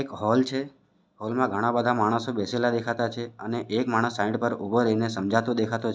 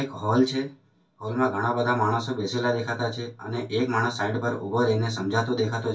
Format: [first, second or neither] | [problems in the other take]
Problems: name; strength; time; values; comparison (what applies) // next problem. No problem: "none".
first | room echo; dies away in 0.2 s